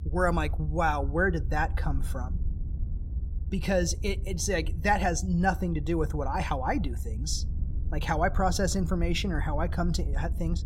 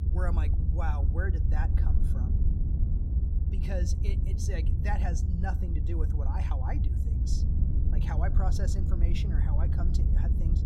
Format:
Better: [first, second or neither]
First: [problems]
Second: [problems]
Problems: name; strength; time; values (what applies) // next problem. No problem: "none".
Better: first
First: low rumble; faint; throughout; 20 dB below the speech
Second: low rumble; loud; throughout; 4 dB below the speech